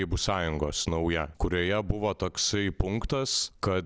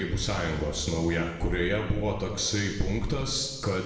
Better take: first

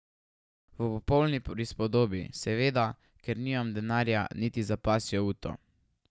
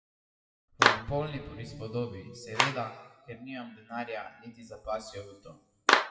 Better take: first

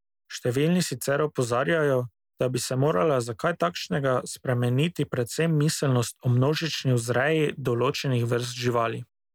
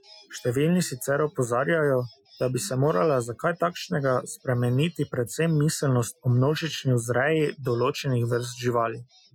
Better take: first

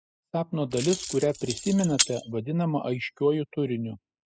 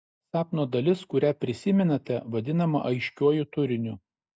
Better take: second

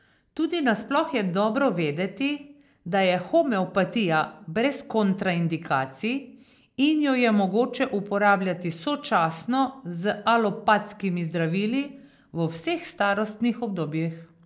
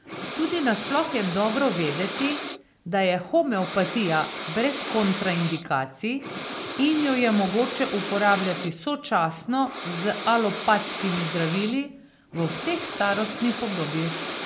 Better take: first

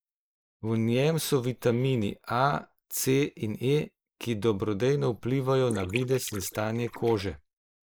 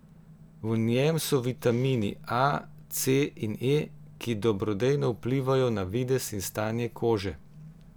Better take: second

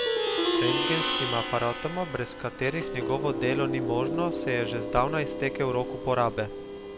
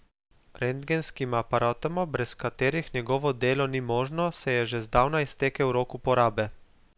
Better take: second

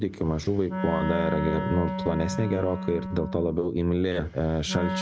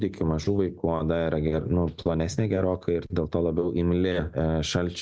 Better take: second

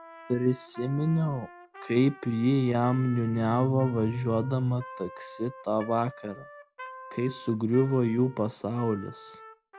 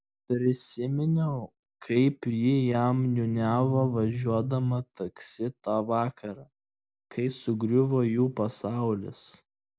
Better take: second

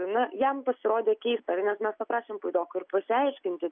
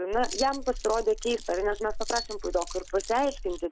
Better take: first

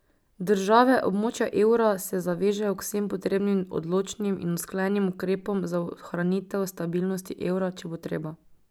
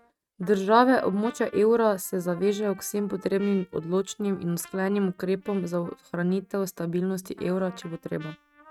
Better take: first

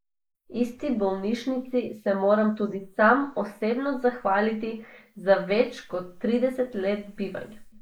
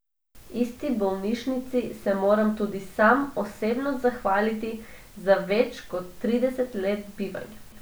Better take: second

